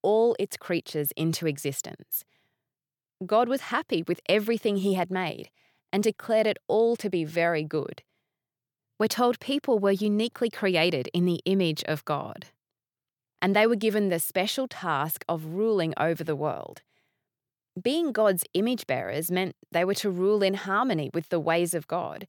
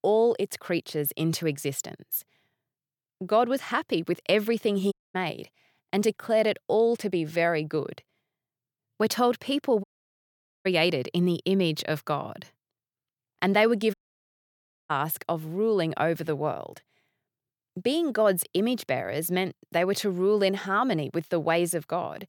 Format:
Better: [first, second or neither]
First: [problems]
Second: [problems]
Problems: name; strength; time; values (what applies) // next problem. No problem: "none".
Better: first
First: none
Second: audio cutting out; at 5 s, at 10 s for 1 s and at 14 s for 1 s